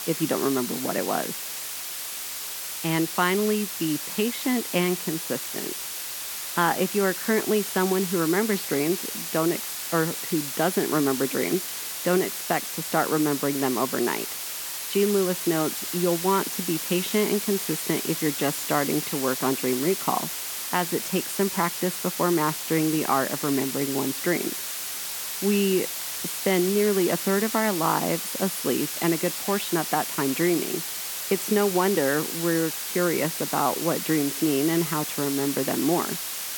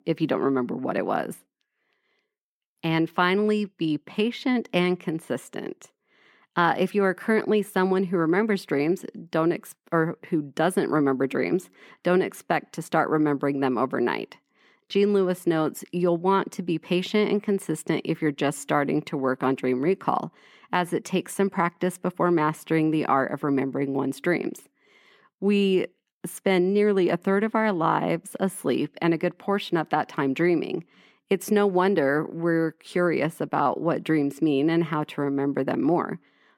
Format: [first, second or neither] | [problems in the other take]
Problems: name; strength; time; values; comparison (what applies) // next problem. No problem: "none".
second | hiss; loud; throughout; 4 dB below the speech